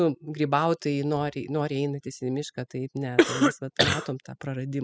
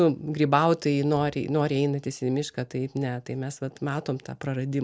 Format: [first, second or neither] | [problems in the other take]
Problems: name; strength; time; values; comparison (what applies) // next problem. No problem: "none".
second | noise reduction (classical method spectral subtraction)